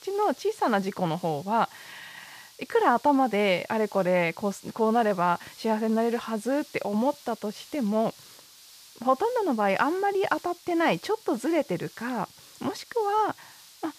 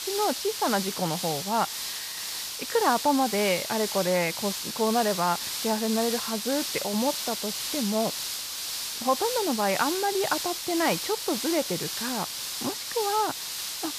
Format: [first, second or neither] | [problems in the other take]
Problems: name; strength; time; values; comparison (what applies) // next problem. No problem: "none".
first | hiss; loud; throughout; 3 dB below the speech; faint in the first